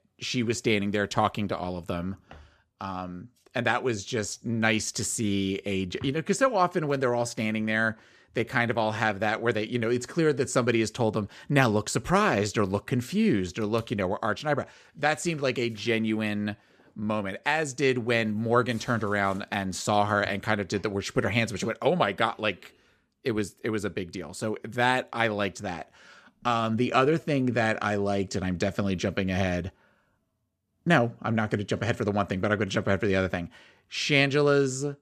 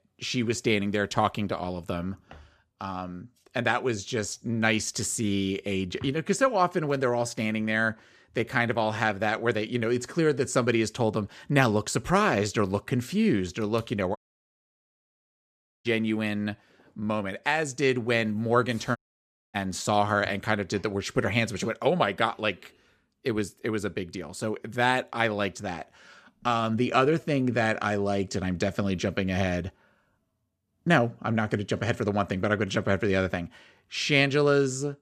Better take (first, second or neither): first